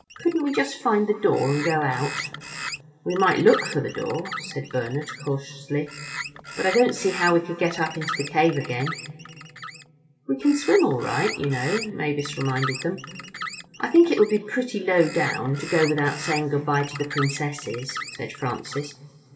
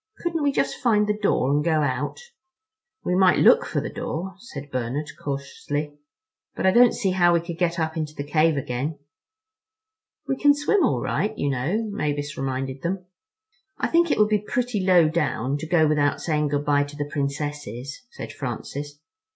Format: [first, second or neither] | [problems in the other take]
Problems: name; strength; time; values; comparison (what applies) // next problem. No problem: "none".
second | background sound (Bird); 12 dB below the speech // room echo; dies away in 2.4 s